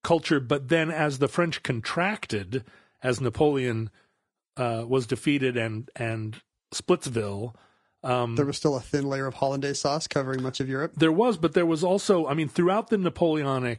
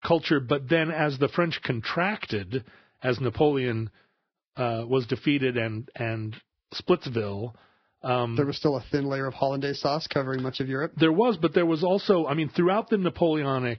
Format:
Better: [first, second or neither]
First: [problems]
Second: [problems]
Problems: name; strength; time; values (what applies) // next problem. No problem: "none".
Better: first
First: garbled, watery; slightly; nothing above 10.5 kHz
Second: garbled, watery; badly; nothing above 5.5 kHz